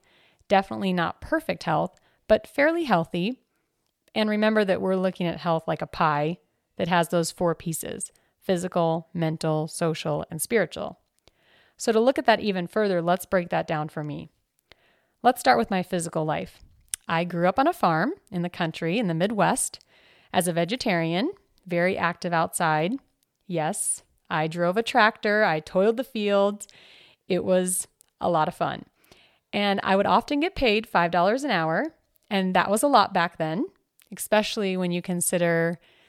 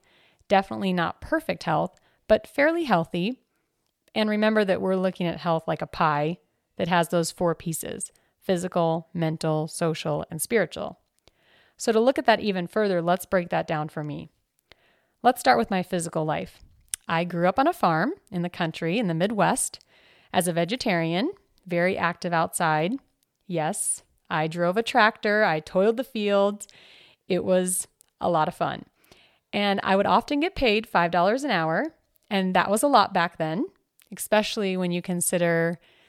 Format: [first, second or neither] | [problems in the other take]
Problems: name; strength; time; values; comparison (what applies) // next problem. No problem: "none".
neither | none